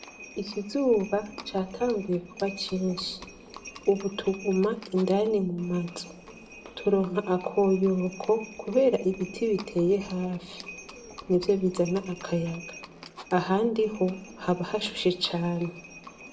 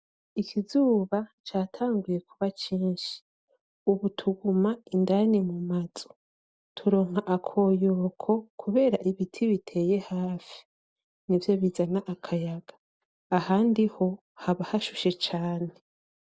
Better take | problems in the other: second | background sound (Livestock, farm animals, working animals); 18 dB below the speech // room echo; dies away in 0.5 s

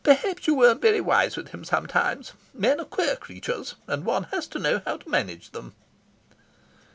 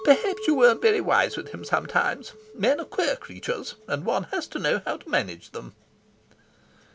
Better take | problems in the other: first | background sound (Chink, clink); 17 dB below the speech

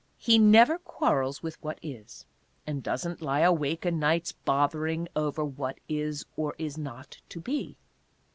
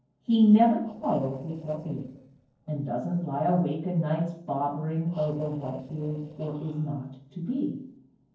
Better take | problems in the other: first | noise reduction (neural separator model SepFormer DNS4)

